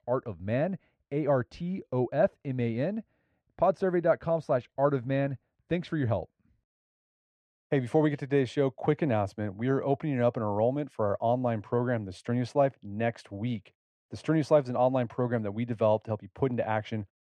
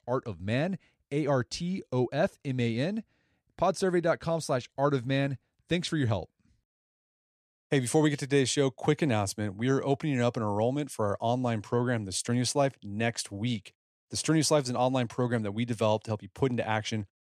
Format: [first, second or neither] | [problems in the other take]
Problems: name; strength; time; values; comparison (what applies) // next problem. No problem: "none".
second | muffled; very; fading above 4 kHz